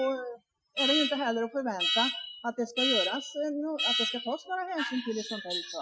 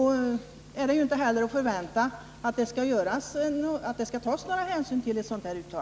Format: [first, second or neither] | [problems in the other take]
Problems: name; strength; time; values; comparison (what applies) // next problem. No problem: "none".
second | noise reduction (classical method Wiener filter)